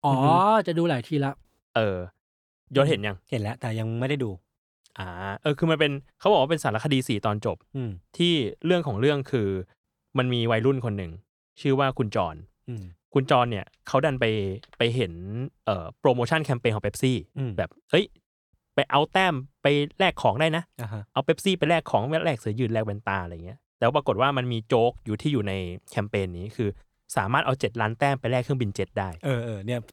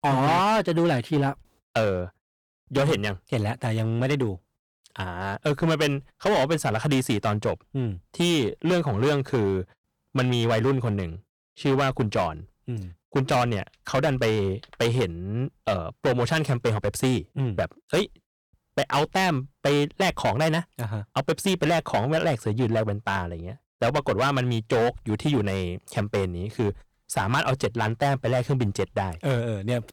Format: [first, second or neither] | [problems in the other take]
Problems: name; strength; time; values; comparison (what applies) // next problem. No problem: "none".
first | distortion; heavy; 11% of the sound clipped